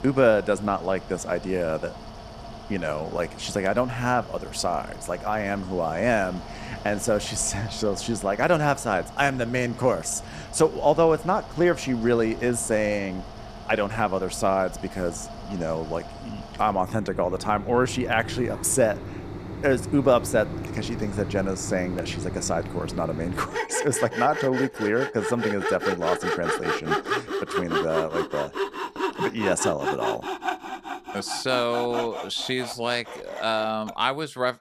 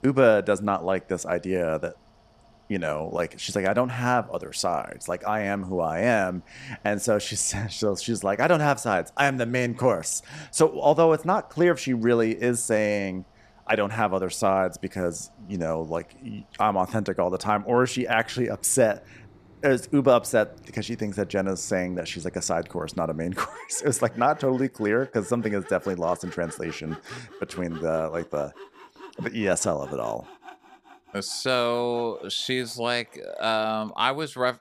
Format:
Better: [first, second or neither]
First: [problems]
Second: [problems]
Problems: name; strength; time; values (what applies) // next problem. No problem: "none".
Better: second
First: machinery noise; loud; throughout; 8 dB below the speech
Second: machinery noise; faint; throughout; 25 dB below the speech